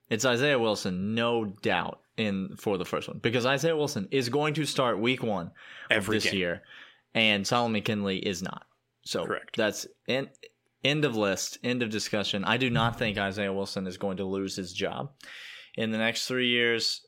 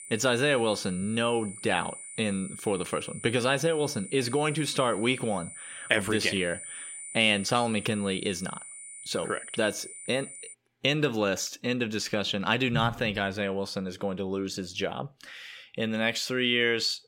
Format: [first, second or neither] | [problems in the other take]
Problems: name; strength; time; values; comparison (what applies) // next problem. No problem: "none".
first | high-pitched whine; noticeable; until 11 s; 9 kHz, 10 dB below the speech